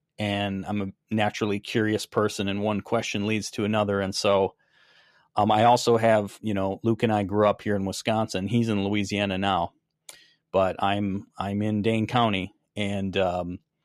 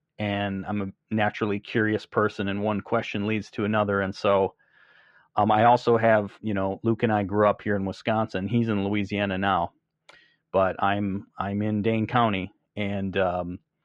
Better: first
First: none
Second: muffled; slightly; fading above 2.5 kHz

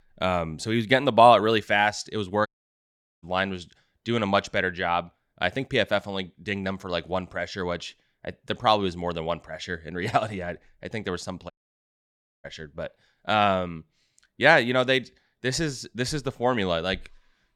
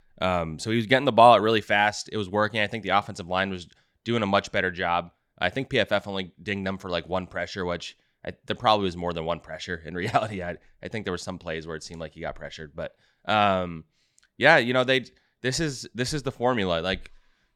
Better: second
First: audio cutting out; at 2.5 s for 1 s and at 12 s for 1 s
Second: none

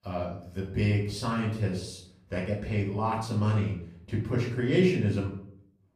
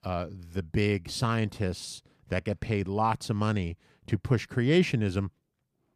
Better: second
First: off-mic speech; far // room echo; noticeable; dies away in 0.5 s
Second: none

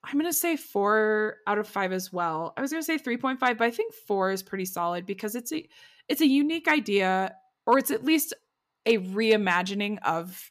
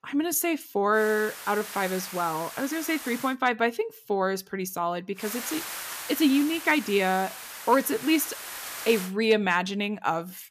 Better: first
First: none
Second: hiss; noticeable; from 1 to 3.5 s and from 5 to 9 s; 10 dB below the speech

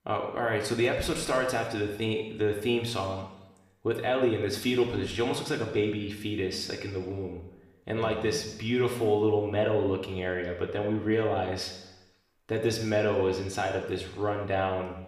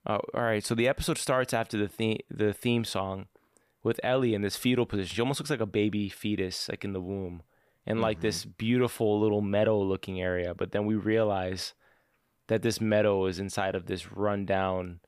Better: second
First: room echo; noticeable; dies away in 0.9 s // off-mic speech; somewhat distant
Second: none

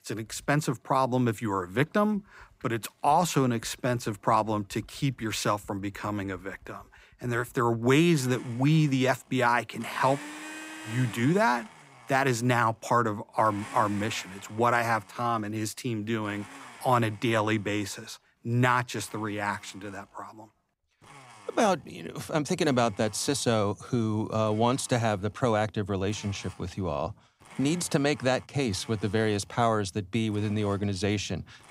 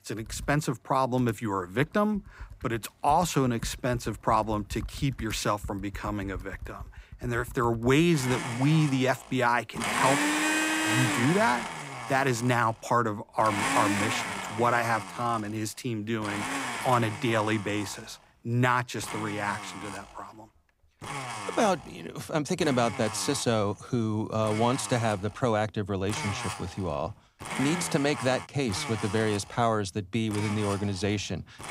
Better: first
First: household noises; faint; throughout; 20 dB below the speech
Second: household noises; loud; throughout; 6 dB below the speech

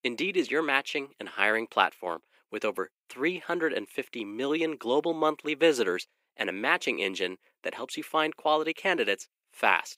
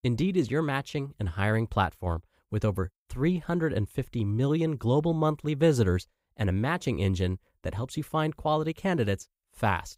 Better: second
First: thin; very; fading below 300 Hz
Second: none

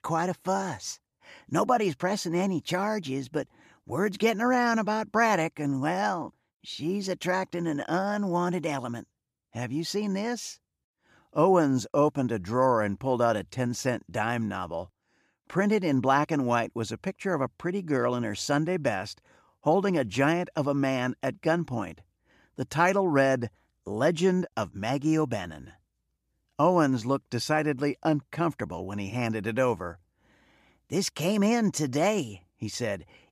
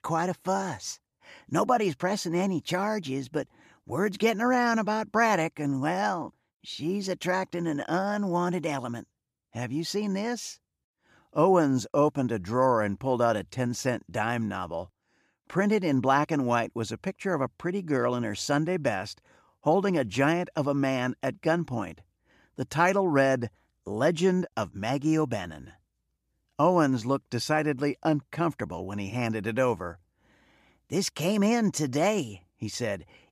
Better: neither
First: none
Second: none

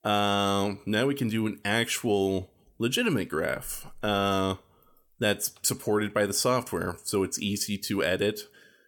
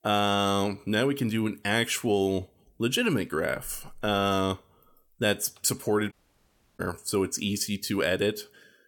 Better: first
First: none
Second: audio cutting out; at 6 s for 0.5 s

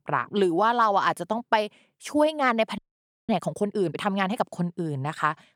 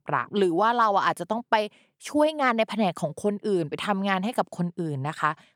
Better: second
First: audio freezing; at 3 s for 0.5 s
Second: none

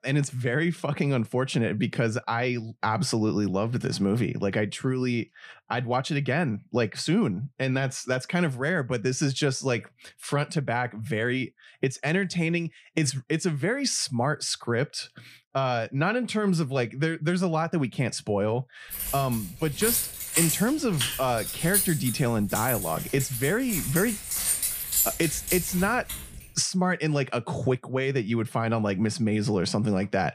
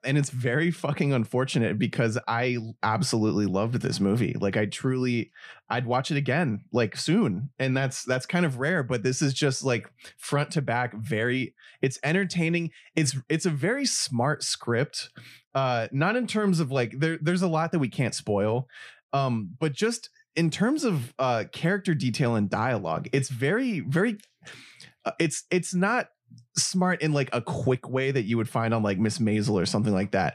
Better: second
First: jangling keys; loud; from 19 to 26 s; peak 4 dB above the speech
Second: none

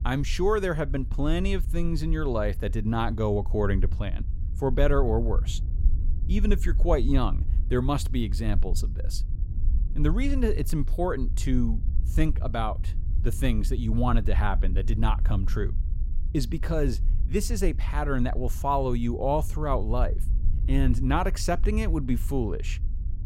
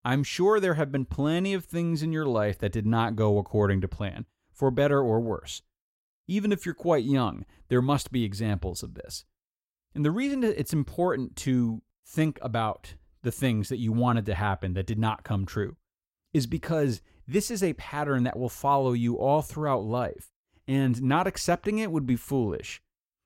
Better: second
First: low rumble; noticeable; throughout; 20 dB below the speech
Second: none

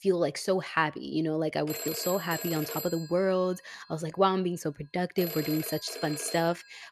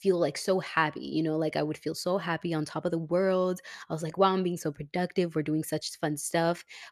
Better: second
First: phone ringing; noticeable; from 1.5 s on; peak 4 dB below the speech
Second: none

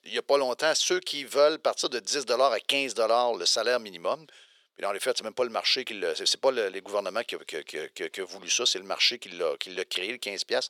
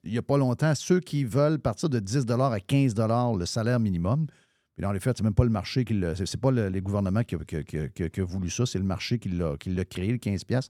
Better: second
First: thin; very; fading below 450 Hz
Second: none

